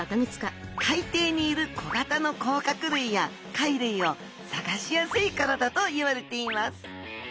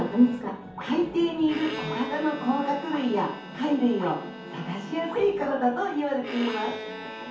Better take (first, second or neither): first